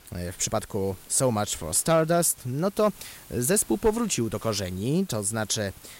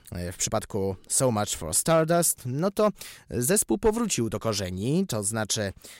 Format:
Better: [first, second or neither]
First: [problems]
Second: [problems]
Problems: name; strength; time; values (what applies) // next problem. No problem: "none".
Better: second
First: hiss; faint; throughout; 25 dB below the speech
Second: none